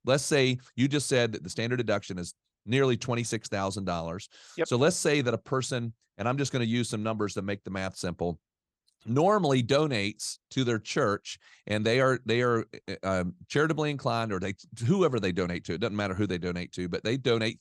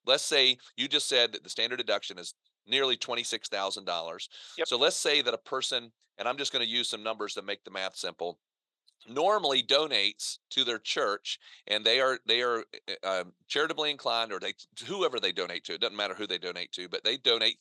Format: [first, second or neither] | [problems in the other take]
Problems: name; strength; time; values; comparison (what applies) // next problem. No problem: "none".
first | thin; very; fading below 550 Hz